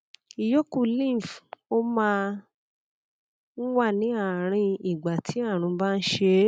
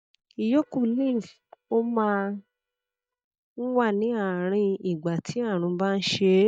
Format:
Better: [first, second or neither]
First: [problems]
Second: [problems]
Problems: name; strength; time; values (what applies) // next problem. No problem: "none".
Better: first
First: none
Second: noise reduction (neural mask model DeepFilterNet 3)